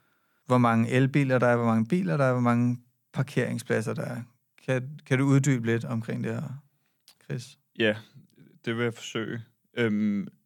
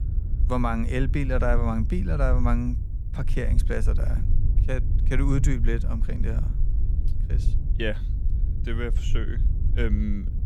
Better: first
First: none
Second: low rumble; noticeable; throughout; 15 dB below the speech

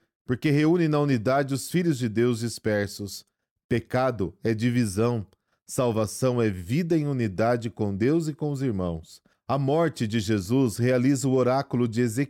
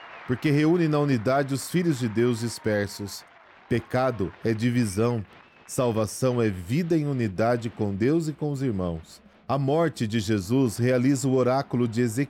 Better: first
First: none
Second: crowd noise; faint; throughout; 25 dB below the speech

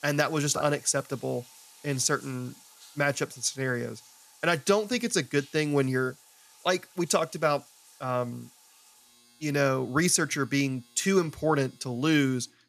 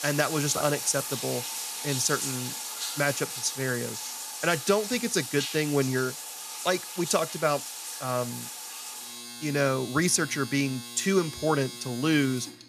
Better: first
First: household noises; faint; throughout; 25 dB below the speech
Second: household noises; loud; throughout; 7 dB below the speech

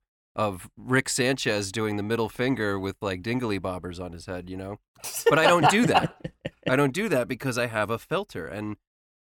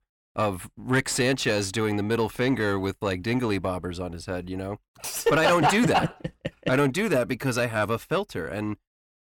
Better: first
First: none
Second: distortion; slight; 10 dB below the speech

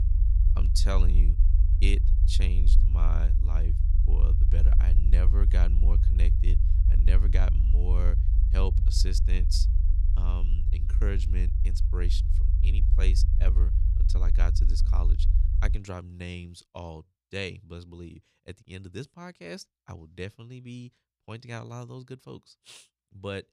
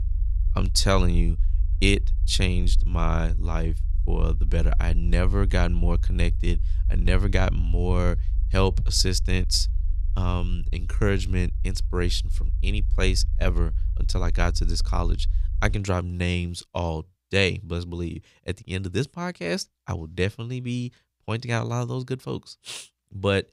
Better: second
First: low rumble; loud; until 16 s; 6 dB below the speech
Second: low rumble; faint; until 16 s; 20 dB below the speech

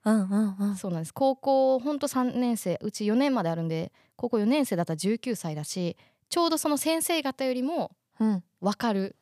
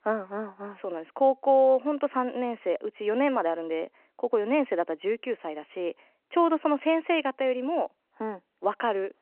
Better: first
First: none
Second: phone-call audio

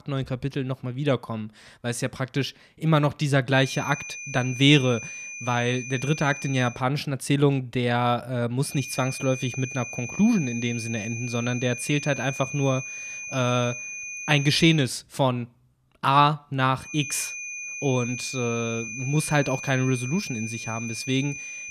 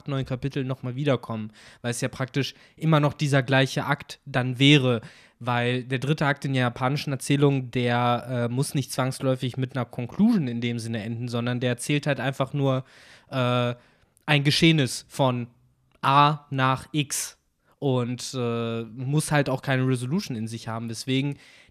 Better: second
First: high-pitched whine; loud; from 3.5 to 6.5 s, from 8.5 to 15 s and from 17 s on; 2.5 kHz, 9 dB below the speech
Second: none

